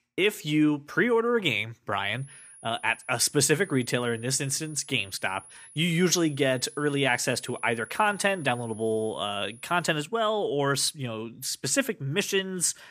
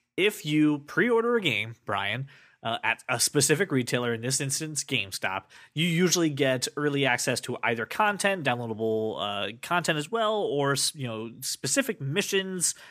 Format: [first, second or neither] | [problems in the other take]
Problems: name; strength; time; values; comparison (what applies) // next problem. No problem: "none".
second | high-pitched whine; faint; from 2 to 10 s; 10.5 kHz, 20 dB below the speech